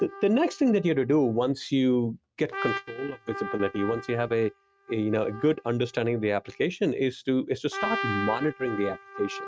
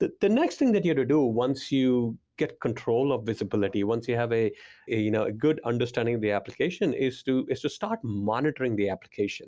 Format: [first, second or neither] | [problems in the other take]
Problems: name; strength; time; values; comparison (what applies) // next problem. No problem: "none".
second | noise reduction (neural mask model RNNoise)